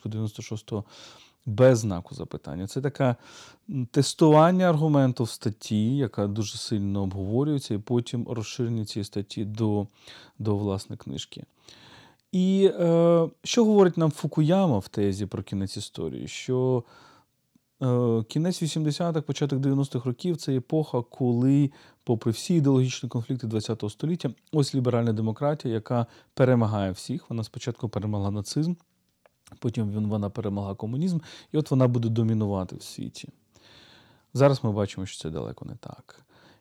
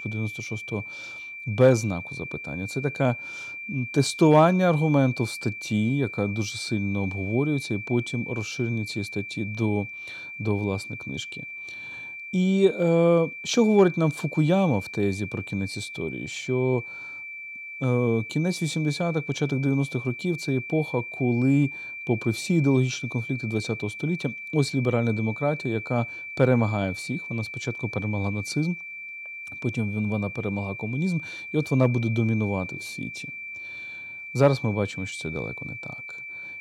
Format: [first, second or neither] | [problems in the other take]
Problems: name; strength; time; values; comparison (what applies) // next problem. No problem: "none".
first | high-pitched whine; loud; throughout; 2.5 kHz, 9 dB below the speech